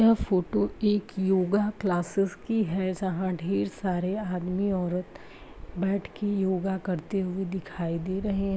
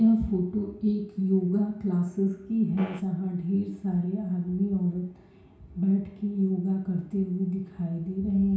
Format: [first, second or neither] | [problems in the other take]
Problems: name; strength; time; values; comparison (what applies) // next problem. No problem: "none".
first | background sound (Fart); 13 dB below the speech // room echo; dies away in 0.6 s